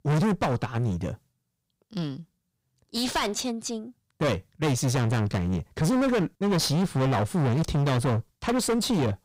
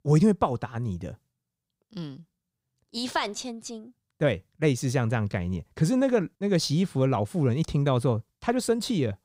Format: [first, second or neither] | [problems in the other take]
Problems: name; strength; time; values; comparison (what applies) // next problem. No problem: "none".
second | distortion; heavy; 25% of the sound clipped